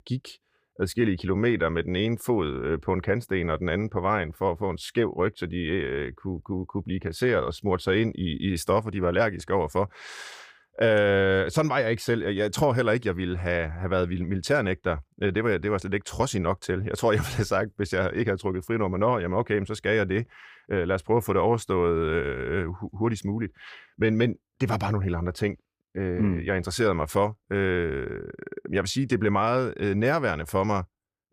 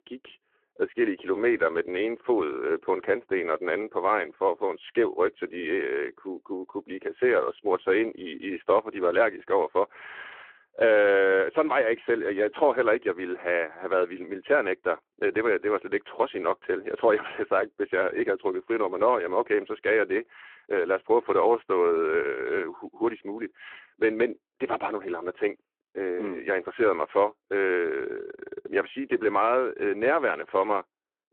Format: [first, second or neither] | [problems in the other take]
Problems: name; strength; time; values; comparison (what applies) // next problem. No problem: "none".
first | phone-call audio